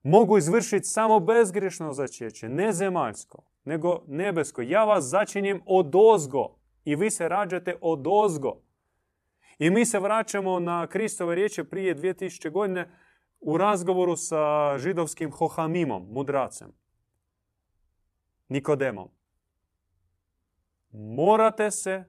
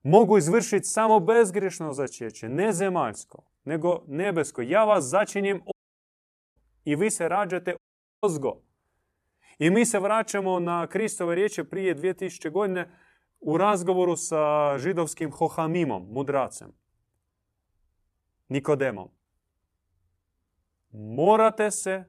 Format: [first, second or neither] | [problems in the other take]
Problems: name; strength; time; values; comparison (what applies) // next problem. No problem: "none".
first | audio cutting out; at 5.5 s for 1 s and at 8 s